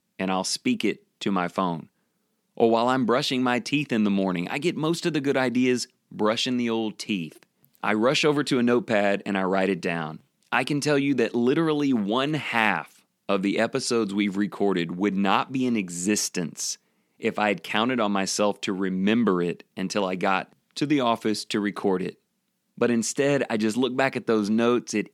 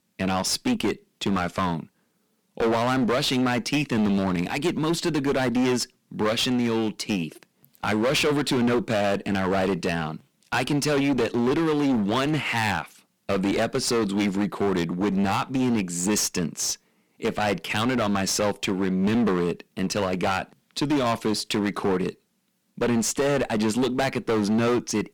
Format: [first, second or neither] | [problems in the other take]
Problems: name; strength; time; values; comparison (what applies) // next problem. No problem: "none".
first | distortion; heavy; 17% of the sound clipped